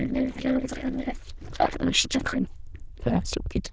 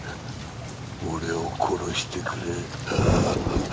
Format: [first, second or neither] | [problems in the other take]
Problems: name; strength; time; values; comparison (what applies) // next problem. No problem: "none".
second | noise reduction (neural diffusion model UNIVERSE++)